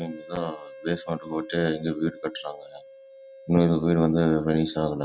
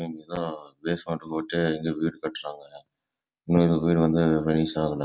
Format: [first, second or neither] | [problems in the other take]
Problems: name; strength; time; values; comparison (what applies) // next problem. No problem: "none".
second | background sound (Wind instrument, woodwind instrument); 20 dB below the speech